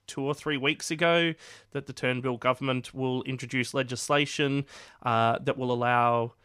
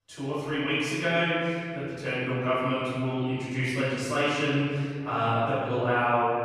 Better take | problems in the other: first | off-mic speech; far // room echo; strong; dies away in 2 s

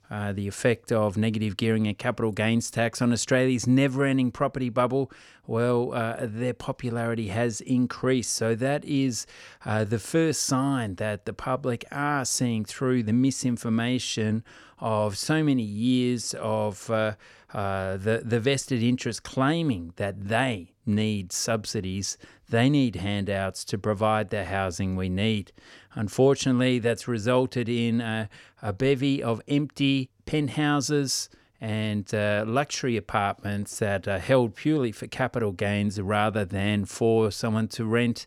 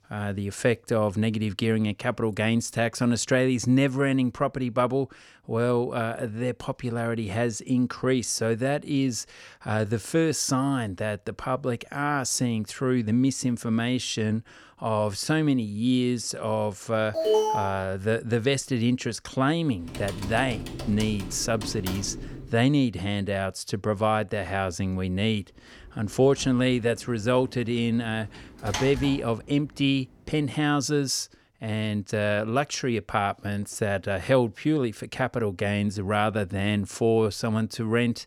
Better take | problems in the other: first | alarm; loud; at 17 s; peak 3 dB above the speech // keyboard typing; noticeable; from 20 to 23 s; peak 9 dB below the speech // door banging; noticeable; from 26 to 29 s; peak 6 dB below the speech

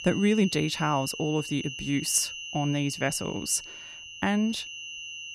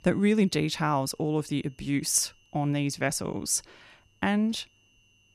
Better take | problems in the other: second | high-pitched whine; loud; throughout; 3 kHz, 9 dB below the speech; faint in the second

